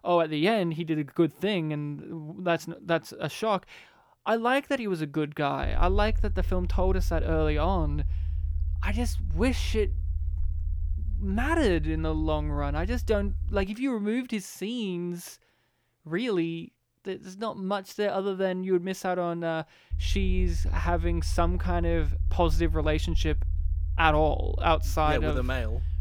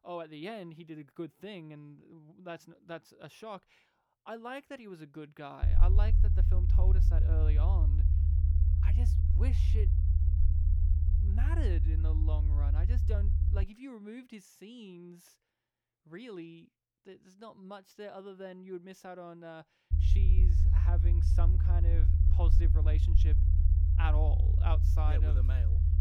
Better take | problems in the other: first | low rumble; loud; from 5.5 to 14 s and from 20 s on; 2 dB below the speech; faint in the first

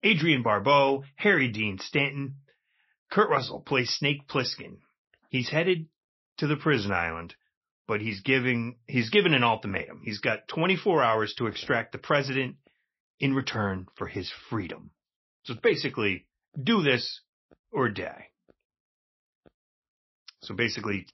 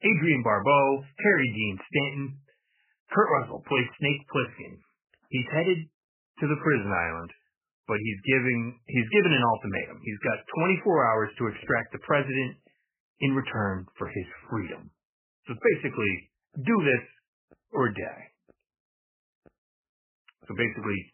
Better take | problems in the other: first | garbled, watery; badly; nothing above 3 kHz; slightly in the first

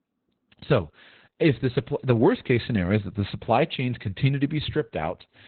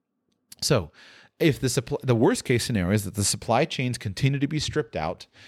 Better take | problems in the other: second | garbled, watery; badly; nothing above 4 kHz

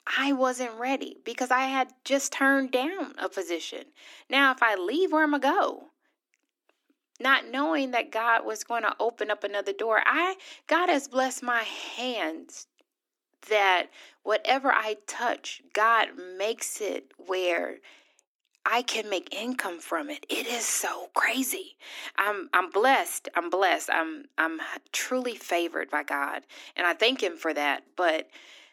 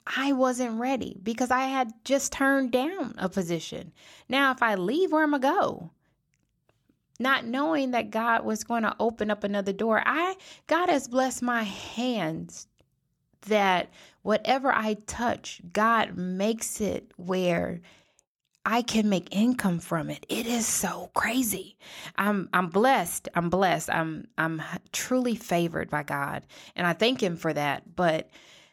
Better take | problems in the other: second | thin; very slightly; fading below 250 Hz

